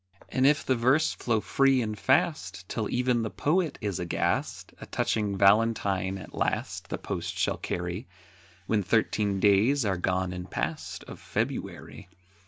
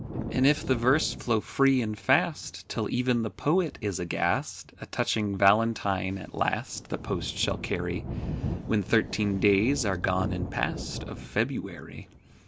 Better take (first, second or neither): first